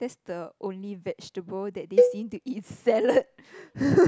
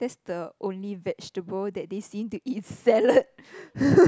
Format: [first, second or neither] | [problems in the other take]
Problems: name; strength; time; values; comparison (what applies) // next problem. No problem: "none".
second | background sound (Cowbell); as loud as the speech